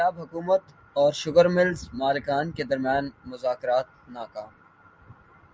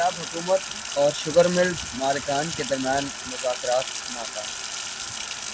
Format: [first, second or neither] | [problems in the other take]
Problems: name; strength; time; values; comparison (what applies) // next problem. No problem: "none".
first | background sound (Sink (filling or washing)); 7 dB below the speech